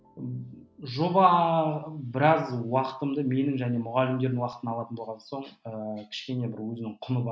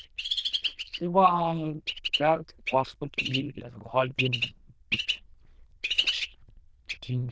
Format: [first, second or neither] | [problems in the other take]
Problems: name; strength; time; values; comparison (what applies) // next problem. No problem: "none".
first | noise reduction (neural diffusion model UNIVERSE++)